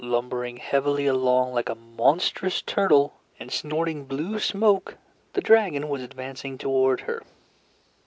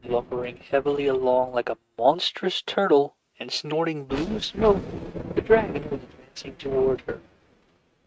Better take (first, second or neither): first